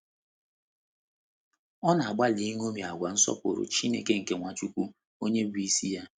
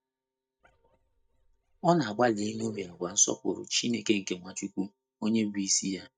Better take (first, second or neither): first